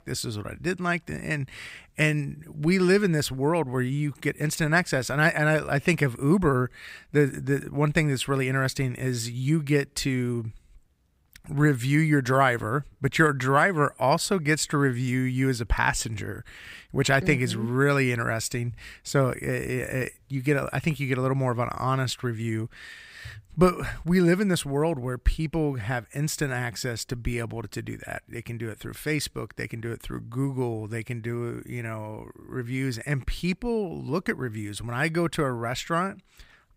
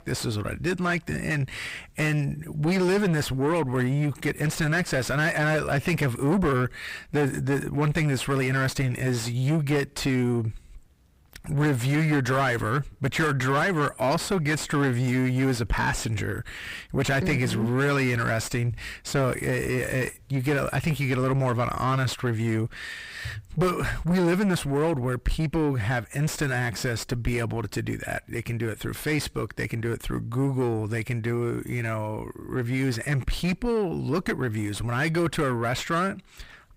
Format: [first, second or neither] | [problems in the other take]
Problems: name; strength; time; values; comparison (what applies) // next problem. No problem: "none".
first | distortion; heavy; 5 dB below the speech